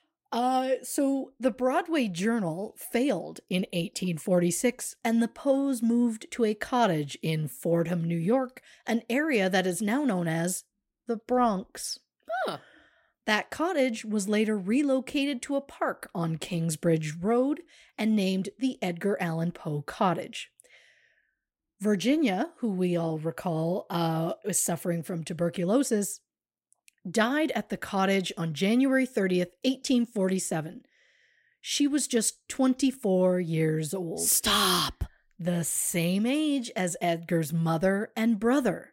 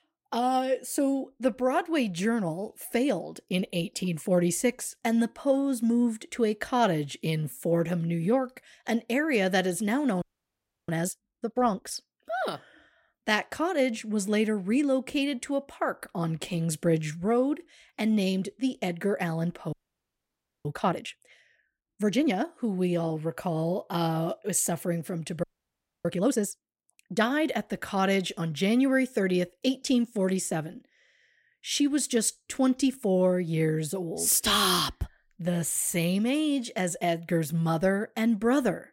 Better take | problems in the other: first | audio freezing; at 10 s for 0.5 s, at 20 s for 1 s and at 25 s for 0.5 s

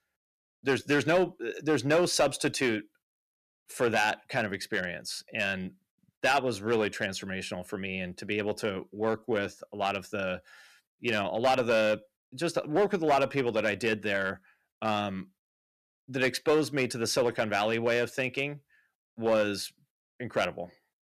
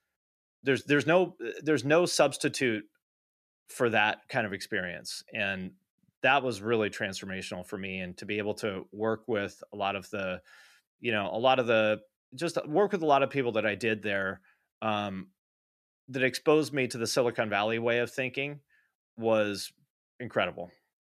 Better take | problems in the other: second | distortion; slight; 3% of the sound clipped

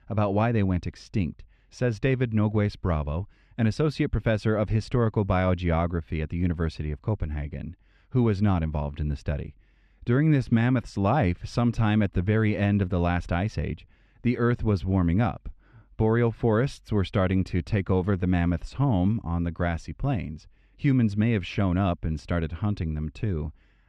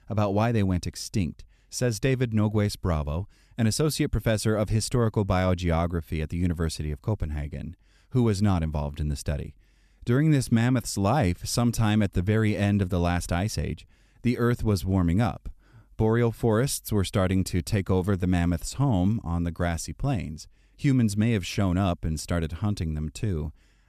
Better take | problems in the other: second | muffled; slightly; fading above 2.5 kHz

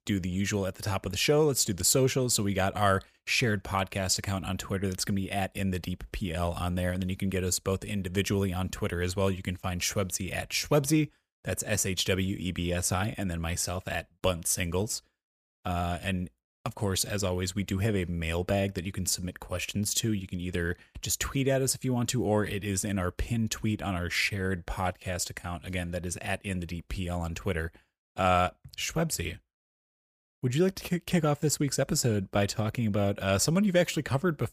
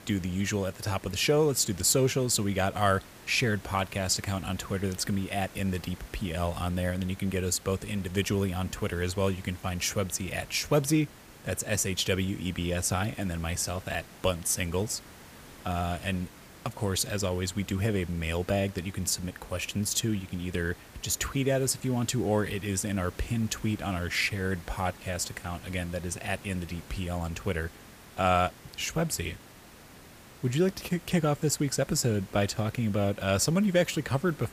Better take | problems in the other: first | hiss; noticeable; throughout; 20 dB below the speech

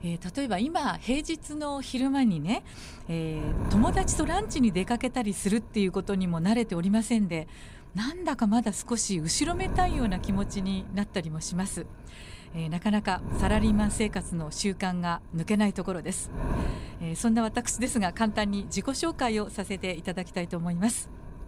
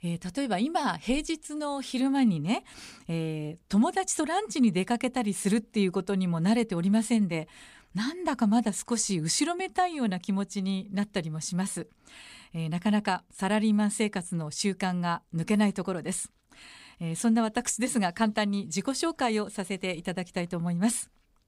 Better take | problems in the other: second | wind noise on the microphone; occasional gusts; 15 dB below the speech

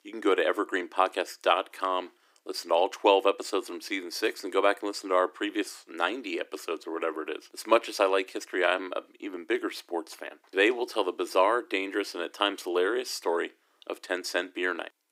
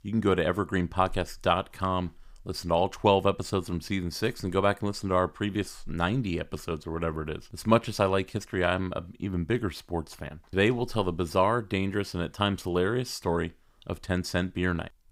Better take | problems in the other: second | thin; somewhat; fading below 300 Hz

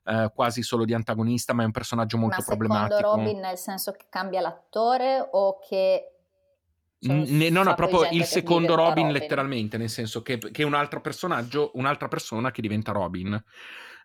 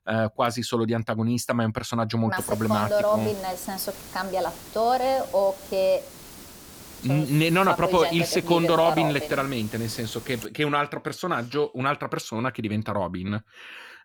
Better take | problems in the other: first | hiss; noticeable; from 2.5 to 10 s; 15 dB below the speech

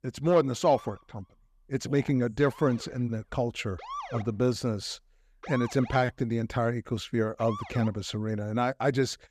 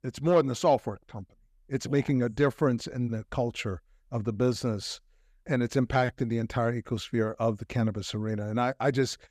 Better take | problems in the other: second | siren; noticeable; from 0.5 to 8 s; peak 9 dB below the speech

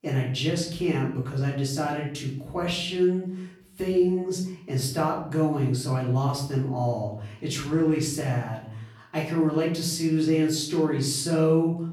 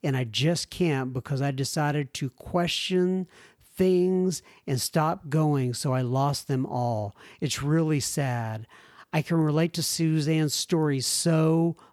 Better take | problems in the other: second | off-mic speech; far // room echo; slight; dies away in 0.6 s

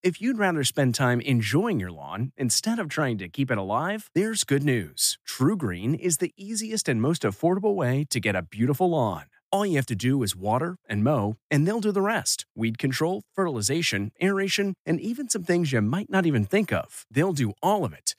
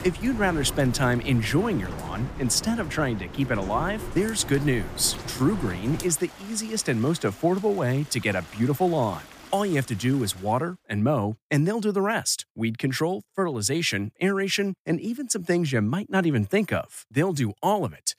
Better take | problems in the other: first | rain or running water; noticeable; until 11 s; 15 dB below the speech

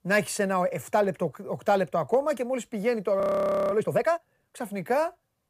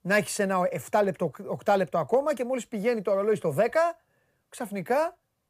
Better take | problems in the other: second | audio freezing; at 3 s for 0.5 s

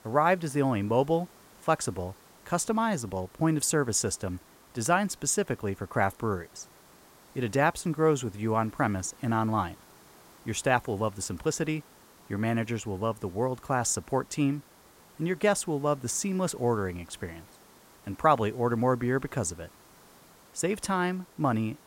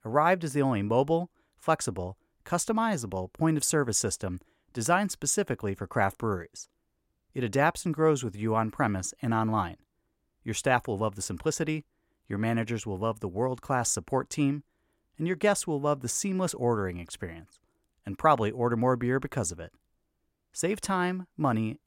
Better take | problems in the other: second | hiss; faint; throughout; 25 dB below the speech

